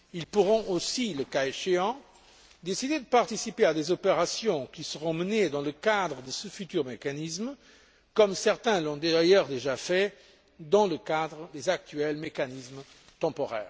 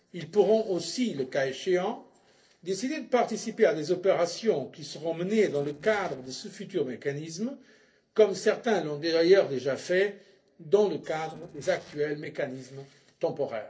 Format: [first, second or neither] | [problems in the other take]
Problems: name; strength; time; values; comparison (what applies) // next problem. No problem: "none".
first | noise reduction (neural separator model SepFormer DNS4)